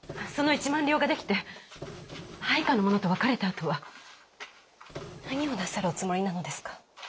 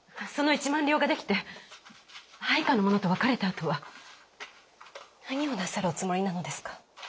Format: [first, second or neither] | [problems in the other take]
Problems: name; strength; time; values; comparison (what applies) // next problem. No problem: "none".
second | background sound (Printer); 16 dB below the speech